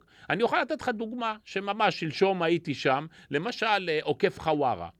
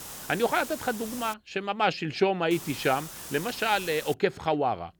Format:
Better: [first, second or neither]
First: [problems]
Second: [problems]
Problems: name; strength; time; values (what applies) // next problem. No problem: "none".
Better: first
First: none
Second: hiss; noticeable; until 1.5 s and from 2.5 to 4 s; 10 dB below the speech